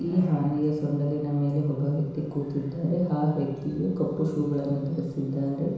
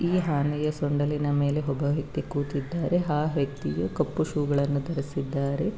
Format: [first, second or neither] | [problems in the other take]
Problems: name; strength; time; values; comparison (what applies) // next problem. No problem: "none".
second | room echo; dies away in 1 s